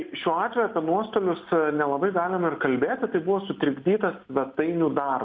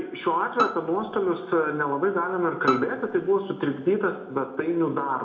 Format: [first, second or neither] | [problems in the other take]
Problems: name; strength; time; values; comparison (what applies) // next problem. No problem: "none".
first | background sound (Bowed string instrument); 7 dB below the speech // room echo; dies away in 0.6 s